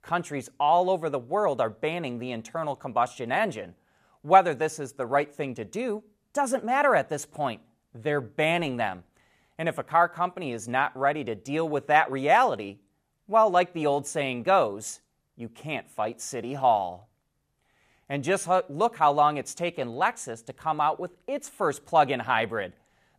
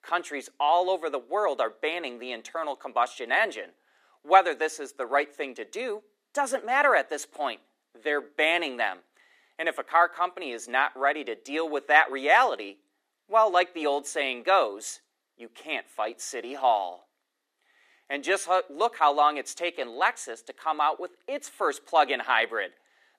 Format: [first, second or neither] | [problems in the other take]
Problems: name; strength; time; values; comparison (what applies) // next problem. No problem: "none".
first | thin; somewhat; fading below 300 Hz